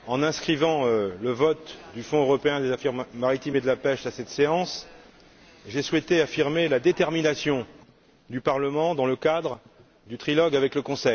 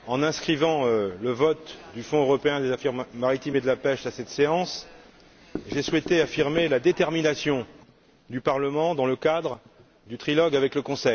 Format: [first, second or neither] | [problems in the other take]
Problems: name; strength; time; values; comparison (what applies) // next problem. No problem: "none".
first | background sound (Knock / Wood); 11 dB below the speech